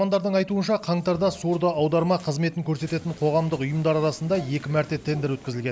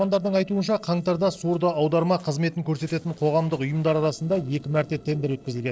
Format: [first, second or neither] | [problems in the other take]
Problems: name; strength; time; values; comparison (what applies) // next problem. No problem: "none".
first | noise reduction (neural separator model SepFormer DNS4)